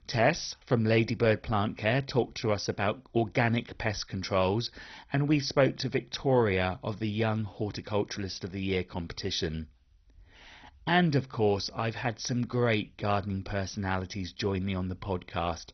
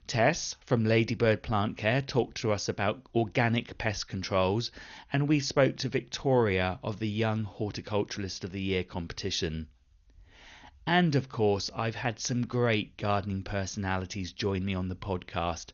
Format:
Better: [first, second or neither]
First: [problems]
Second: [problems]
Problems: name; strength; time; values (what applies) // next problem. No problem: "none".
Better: second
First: garbled, watery; badly; nothing above 6 kHz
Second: garbled, watery; slightly; nothing above 6.5 kHz